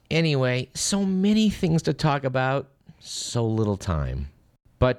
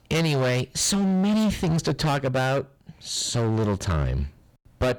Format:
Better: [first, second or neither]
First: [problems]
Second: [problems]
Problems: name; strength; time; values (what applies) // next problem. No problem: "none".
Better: first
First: none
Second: distortion; heavy; 22% of the sound clipped